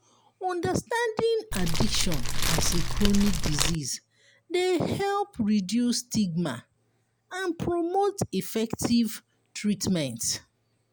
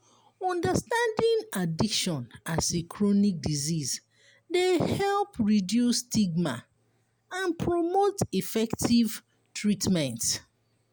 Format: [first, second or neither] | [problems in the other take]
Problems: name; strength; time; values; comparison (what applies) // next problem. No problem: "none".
second | background sound (Fire); 4 dB above the speech